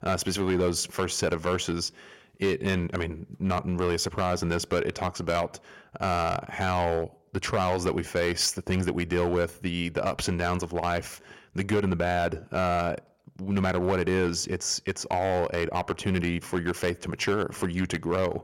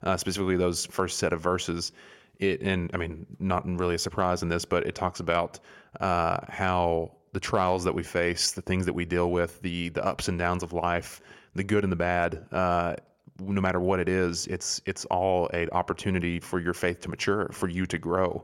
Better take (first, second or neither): second